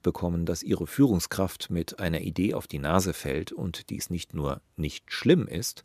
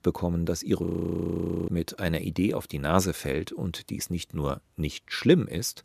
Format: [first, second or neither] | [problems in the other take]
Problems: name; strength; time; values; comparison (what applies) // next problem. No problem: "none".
first | audio freezing; at 1 s for 1 s